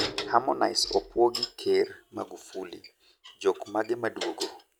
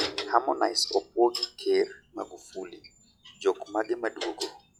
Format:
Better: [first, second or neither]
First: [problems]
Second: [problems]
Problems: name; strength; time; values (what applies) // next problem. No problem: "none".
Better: first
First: none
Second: noise reduction (classical method log-MMSE)